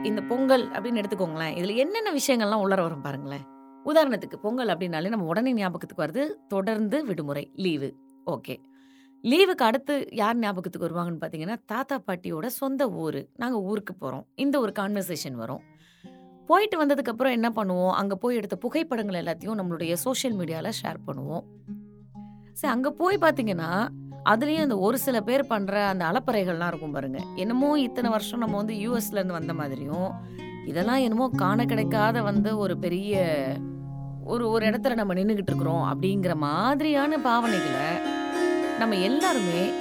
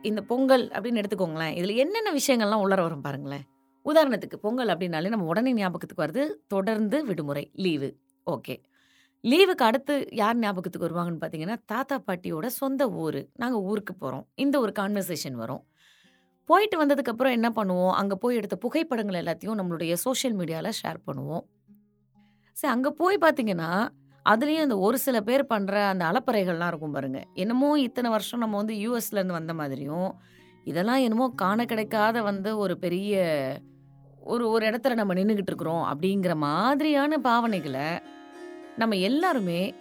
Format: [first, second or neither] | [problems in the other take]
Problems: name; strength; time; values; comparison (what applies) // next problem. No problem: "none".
second | background music; loud; throughout; 7 dB below the speech; faint in the second